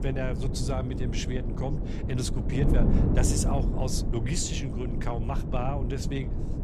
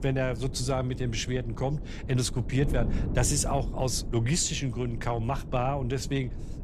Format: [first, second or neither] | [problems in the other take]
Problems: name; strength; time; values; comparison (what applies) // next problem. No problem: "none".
second | wind noise on the microphone; heavy; 4 dB below the speech; occasional gusts in the second